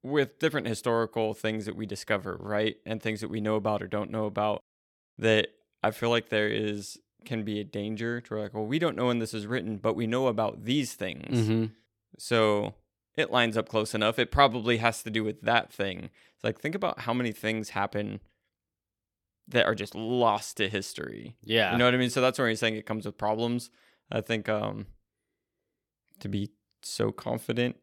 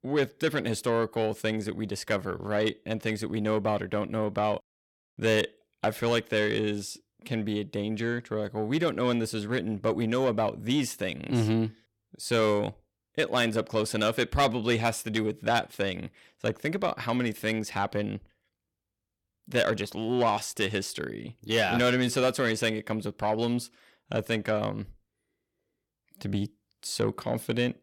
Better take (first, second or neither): first